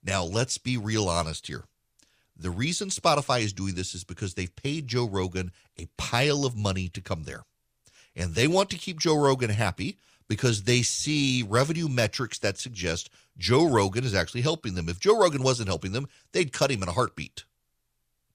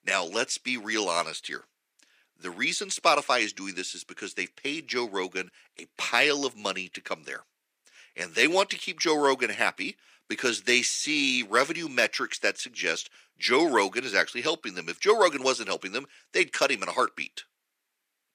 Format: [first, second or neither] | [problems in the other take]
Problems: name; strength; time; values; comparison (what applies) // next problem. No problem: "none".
first | thin; somewhat; fading below 250 Hz